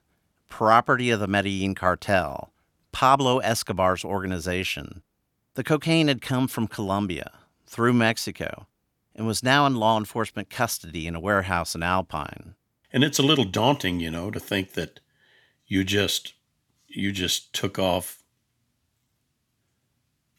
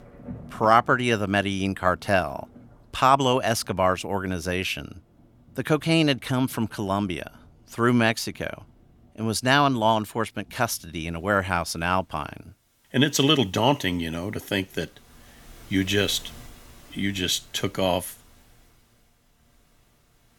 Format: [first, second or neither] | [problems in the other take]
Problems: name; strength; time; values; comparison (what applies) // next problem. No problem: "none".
first | rain or running water; faint; throughout; 25 dB below the speech